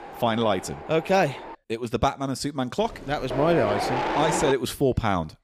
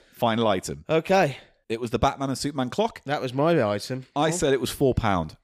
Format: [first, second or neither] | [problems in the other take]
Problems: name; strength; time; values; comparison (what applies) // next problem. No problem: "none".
second | wind noise on the microphone; heavy; until 1.5 s and from 3 to 4.5 s; 4 dB below the speech